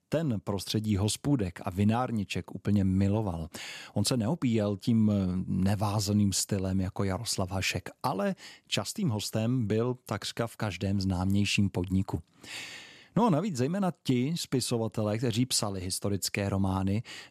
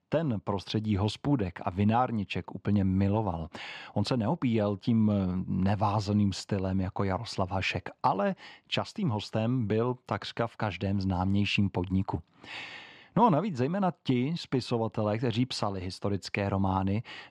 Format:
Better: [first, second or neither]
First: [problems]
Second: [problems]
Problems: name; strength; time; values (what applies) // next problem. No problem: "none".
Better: first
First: none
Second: muffled; slightly; fading above 3 kHz